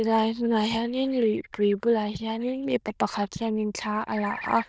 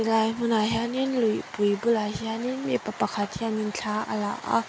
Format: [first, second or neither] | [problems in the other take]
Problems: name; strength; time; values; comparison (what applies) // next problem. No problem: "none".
second | noise reduction (neural diffusion model UNIVERSE++)